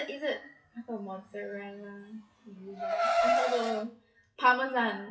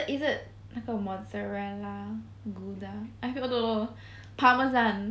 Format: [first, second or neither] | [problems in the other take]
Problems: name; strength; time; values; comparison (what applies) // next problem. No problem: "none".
second | noise reduction (classical method WPE with log-MMSE)